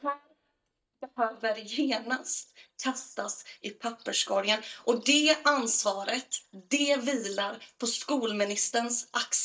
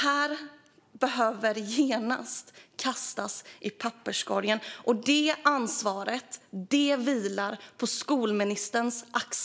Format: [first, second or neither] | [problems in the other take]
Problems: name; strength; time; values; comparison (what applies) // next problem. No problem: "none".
second | noise reduction (neural mask model DeepFilterNet 3)